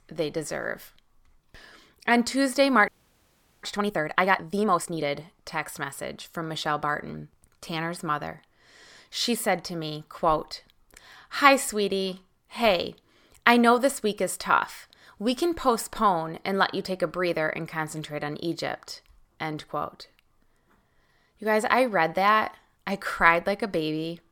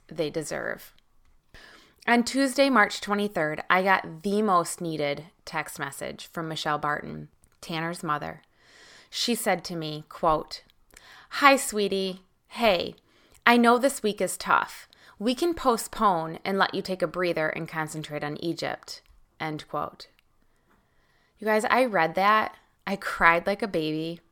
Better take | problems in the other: second | audio freezing; at 3 s for 1 s

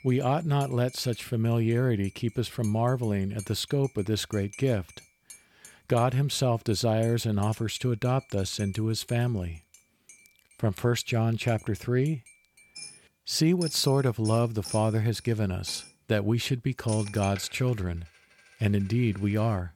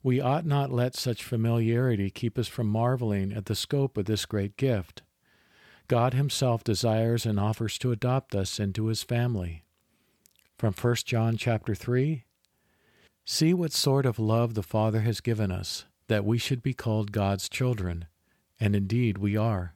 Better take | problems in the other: second | household noises; noticeable; throughout; 20 dB below the speech

